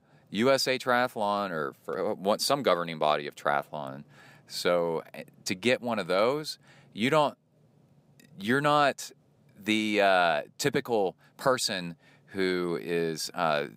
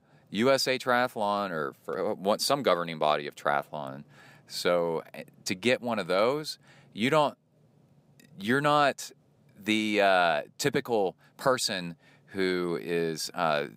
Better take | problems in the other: neither | none

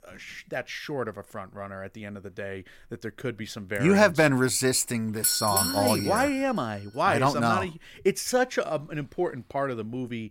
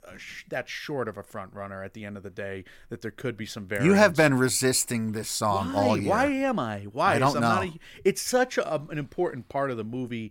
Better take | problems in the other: second | doorbell; loud; at 5 s; peak 3 dB above the speech

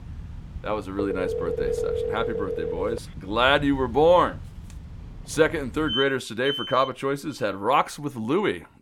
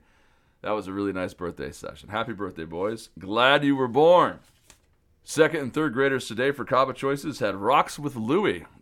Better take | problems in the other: second | alarms or sirens; loud; until 7 s; 7 dB below the speech

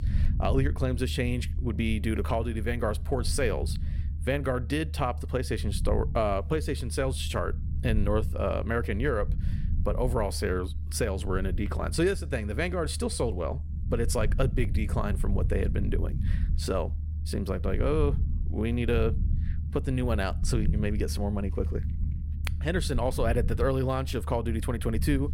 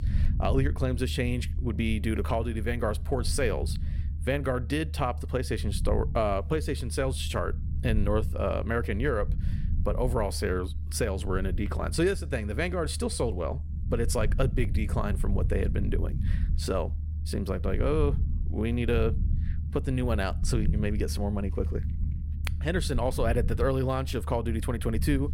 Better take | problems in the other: neither | low rumble; noticeable; throughout; 15 dB below the speech; the same in both

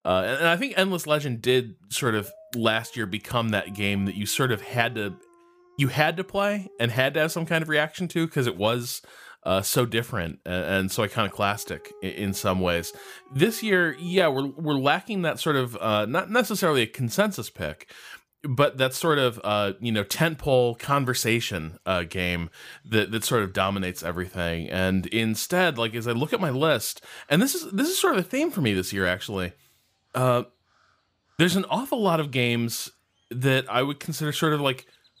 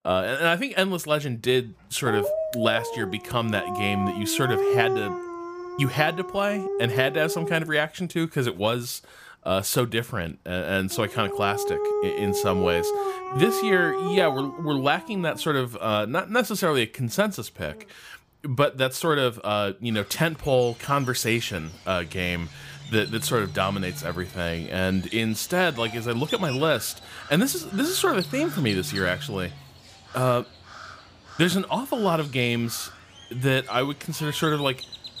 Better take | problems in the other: first | animal sounds; loud; throughout; 7 dB below the speech; faint in the first

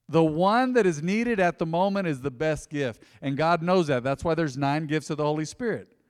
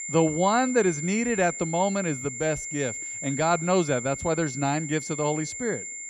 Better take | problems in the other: first | high-pitched whine; loud; throughout; 7 kHz, 7 dB below the speech

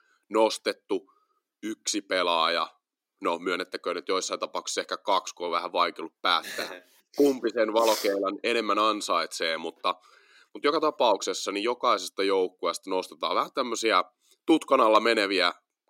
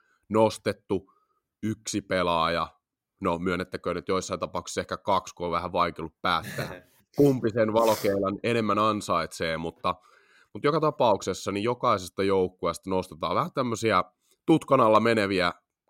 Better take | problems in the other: second | thin; very slightly; fading below 300 Hz

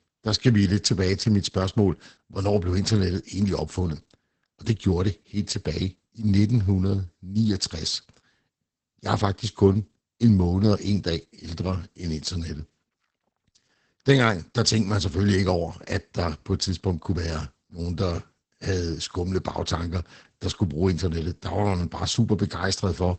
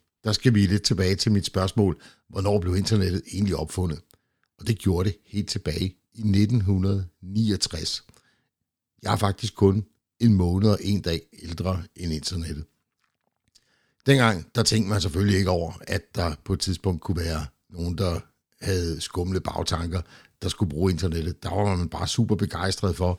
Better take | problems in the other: second | garbled, watery; badly; nothing above 8 kHz

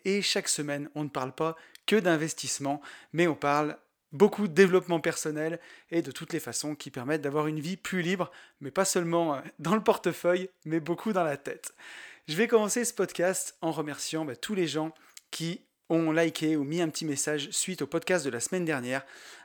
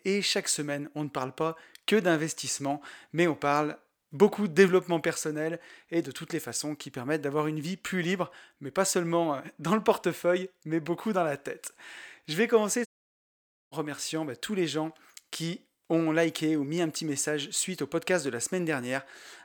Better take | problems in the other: first | audio cutting out; at 13 s for 1 s

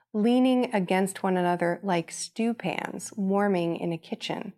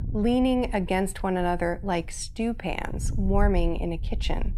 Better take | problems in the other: first | wind noise on the microphone; occasional gusts; 25 dB below the speech

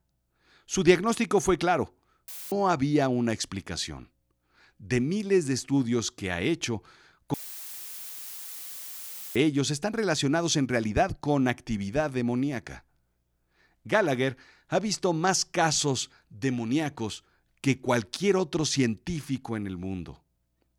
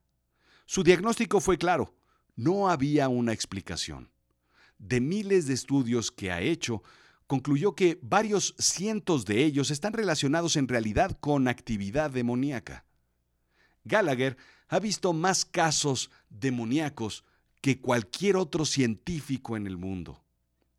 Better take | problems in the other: second | audio cutting out; filled with static; at 2.5 s and at 7.5 s for 2 s

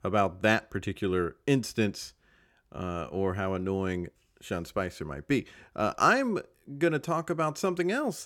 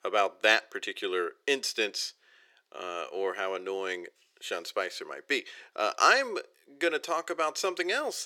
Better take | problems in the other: first | thin; very; fading below 400 Hz

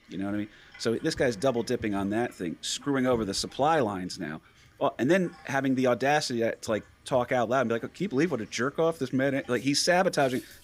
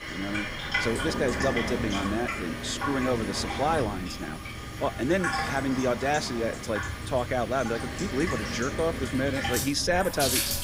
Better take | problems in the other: first | household noises; loud; throughout; 2 dB below the speech; faint in the first

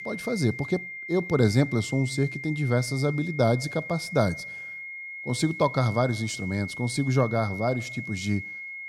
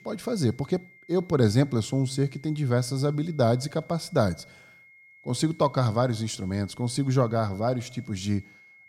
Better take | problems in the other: second | high-pitched whine; loud; throughout; 2 kHz, 9 dB below the speech; faint in the second

